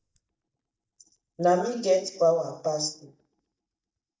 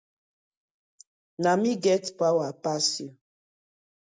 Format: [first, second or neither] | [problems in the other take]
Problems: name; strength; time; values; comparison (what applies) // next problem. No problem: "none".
second | noise reduction (neural mask model DeepFilterNet 3)